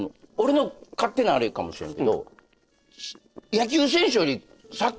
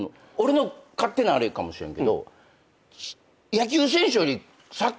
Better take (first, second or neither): second